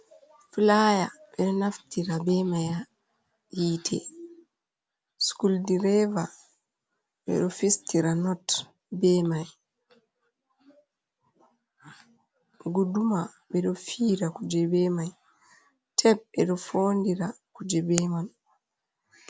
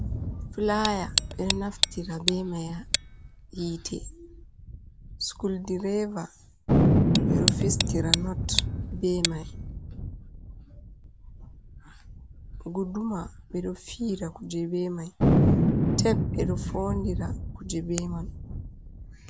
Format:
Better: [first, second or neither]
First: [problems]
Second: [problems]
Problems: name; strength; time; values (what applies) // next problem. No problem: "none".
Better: first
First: none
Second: background sound (Thunder + Tick); 4 dB above the speech